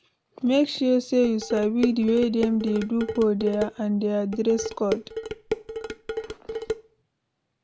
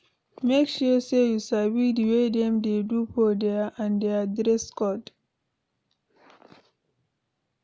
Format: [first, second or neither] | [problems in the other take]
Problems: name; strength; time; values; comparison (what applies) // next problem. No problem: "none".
second | background sound (Dishes, pots, and pans); 8 dB below the speech